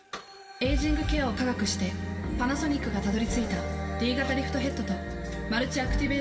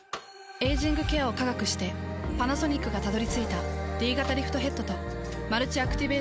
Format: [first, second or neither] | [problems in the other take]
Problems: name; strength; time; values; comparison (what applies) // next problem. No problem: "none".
second | room echo; dies away in 2.2 s